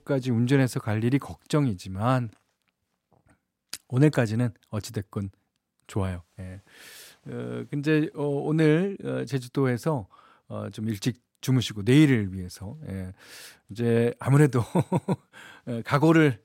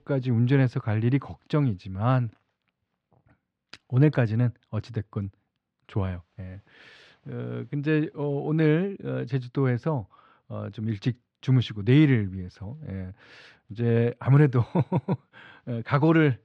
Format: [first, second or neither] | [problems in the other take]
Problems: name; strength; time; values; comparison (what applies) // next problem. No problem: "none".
first | muffled; slightly; fading above 3.5 kHz